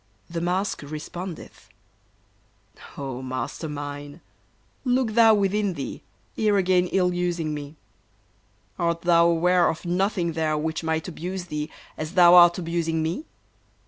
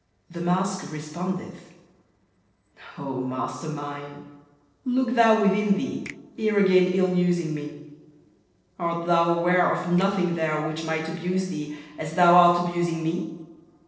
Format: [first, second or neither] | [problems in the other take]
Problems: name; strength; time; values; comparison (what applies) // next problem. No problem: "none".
first | noise reduction (neural separator model SepFormer DNS4)